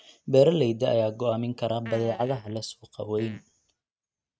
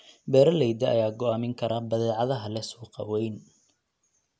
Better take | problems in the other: second | noise reduction (neural mask model RNNoise)

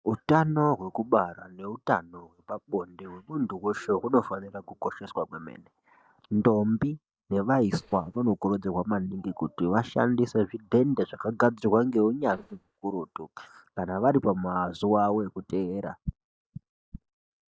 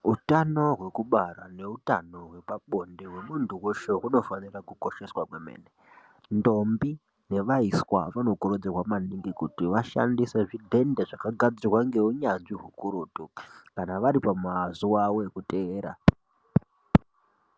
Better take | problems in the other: second | noise reduction (neural mask model DeepFilterNet 3)

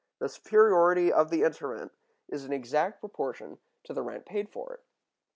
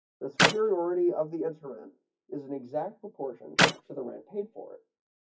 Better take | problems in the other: first | noise reduction (classical method WPE with log-MMSE)

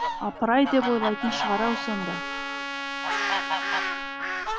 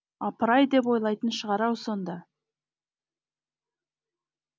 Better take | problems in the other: second | background sound (Trumpet + Fowl); 1 dB below the speech

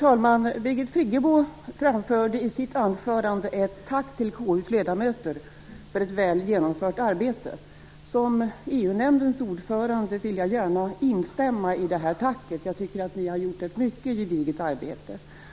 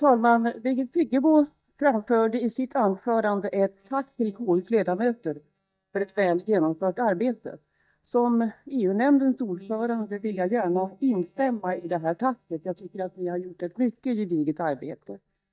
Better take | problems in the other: first | noise reduction (neural mask model DeepFilterNet 3)

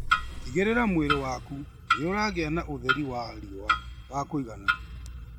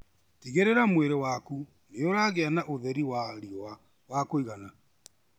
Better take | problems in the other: second | background sound (Clock); 1 dB below the speech

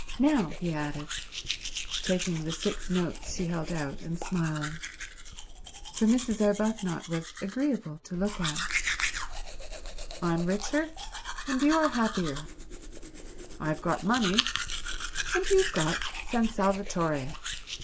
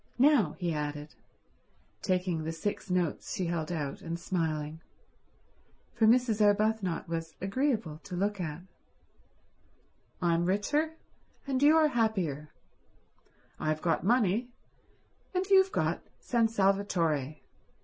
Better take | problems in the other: second | background sound (Domestic sounds, home sounds); 5 dB below the speech

